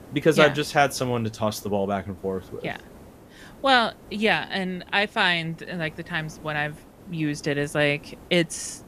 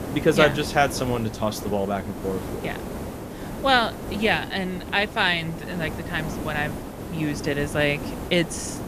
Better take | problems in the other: first | hiss; loud; throughout; 9 dB below the speech; faint in the first

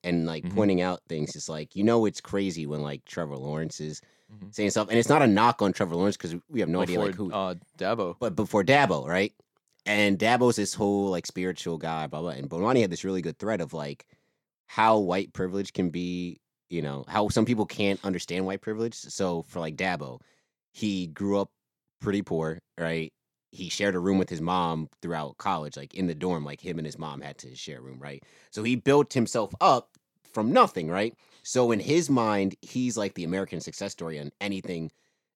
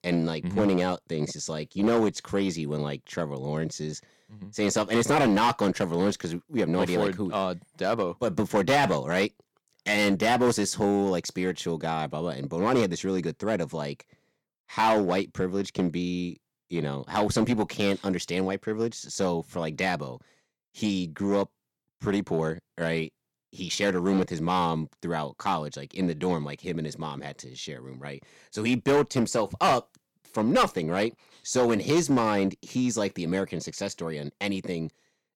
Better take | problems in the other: first | distortion; slight; 4% of the sound clipped

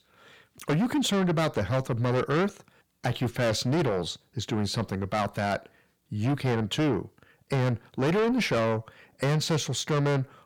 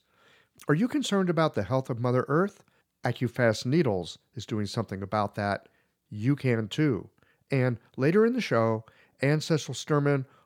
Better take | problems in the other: second | distortion; heavy; 6 dB below the speech

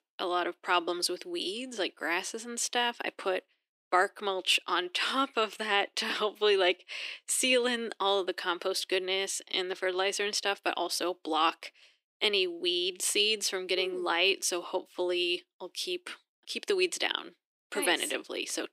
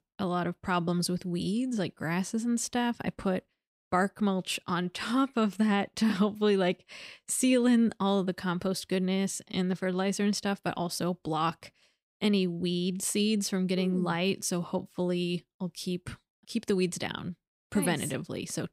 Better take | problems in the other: second | thin; very; fading below 300 Hz

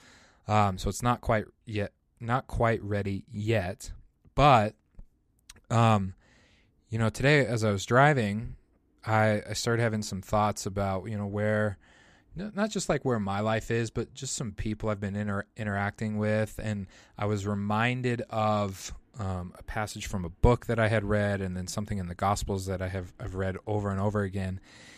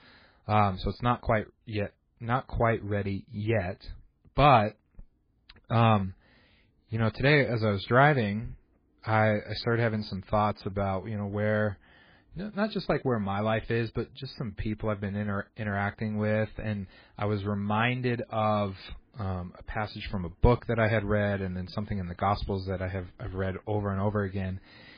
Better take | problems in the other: first | garbled, watery; badly; nothing above 4 kHz

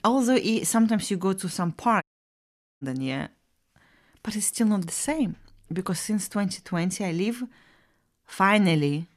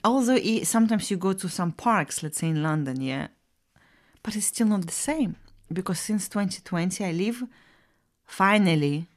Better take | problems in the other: second | audio cutting out; at 2 s for 1 s

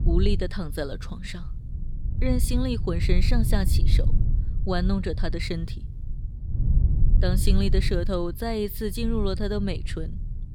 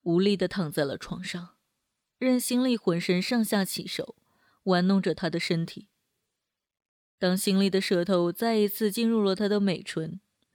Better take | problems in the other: second | low rumble; noticeable; throughout; 10 dB below the speech

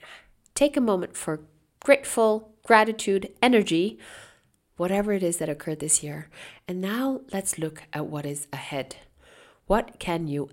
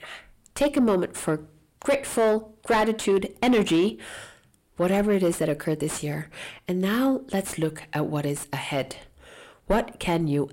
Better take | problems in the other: first | distortion; heavy; 5 dB below the speech

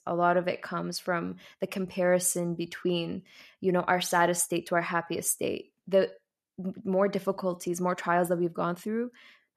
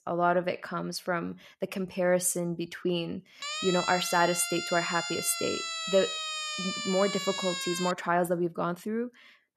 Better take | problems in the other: first | siren; noticeable; from 3.5 to 8 s; peak 2 dB below the speech

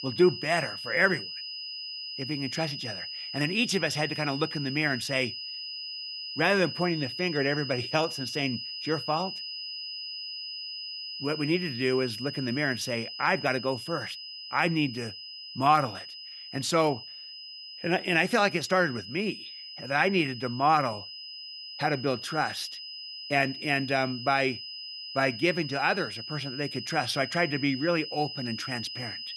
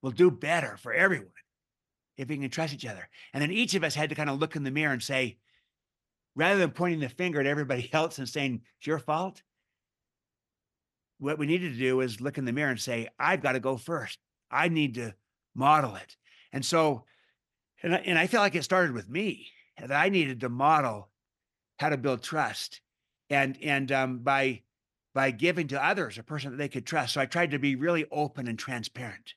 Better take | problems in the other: second | high-pitched whine; loud; throughout; 5 kHz, 8 dB below the speech

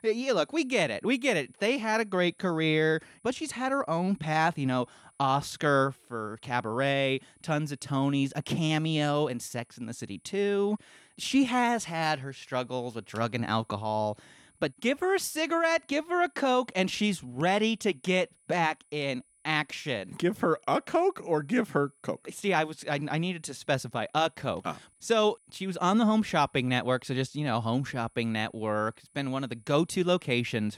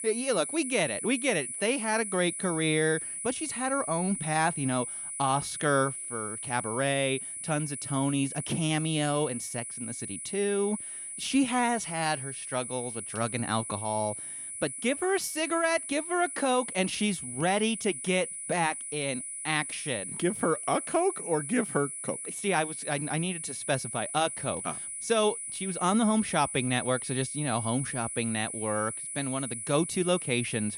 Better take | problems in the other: first | high-pitched whine; loud; throughout; 10 kHz, 5 dB below the speech; faint in the first

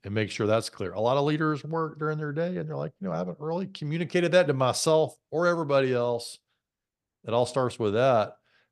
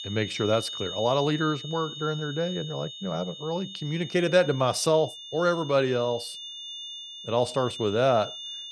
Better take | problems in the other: first | high-pitched whine; noticeable; throughout; 3.5 kHz, 10 dB below the speech

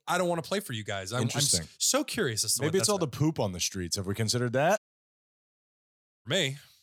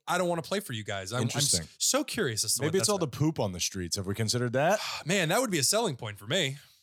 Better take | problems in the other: second | audio cutting out; at 5 s for 1.5 s

